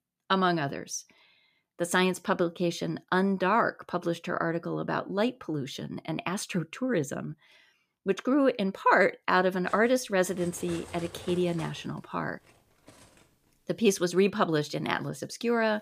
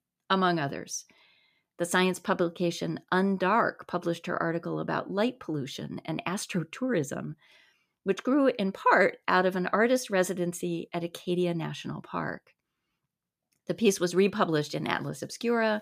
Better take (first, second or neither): second